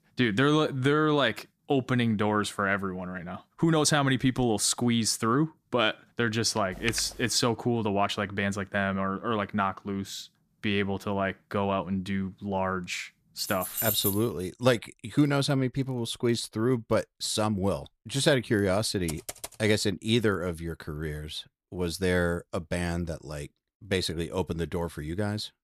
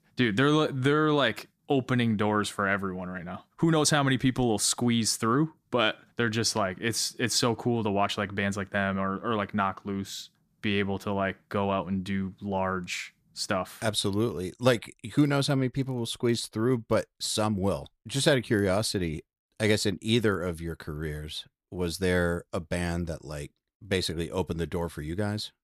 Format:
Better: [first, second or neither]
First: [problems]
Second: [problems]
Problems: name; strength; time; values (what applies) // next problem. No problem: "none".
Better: second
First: keyboard typing; noticeable; at 7 s; peak 7 dB below the speech // jangling keys; loud; at 13 s; peak 1 dB above the speech // keyboard typing; faint; at 19 s; peak 10 dB below the speech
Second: none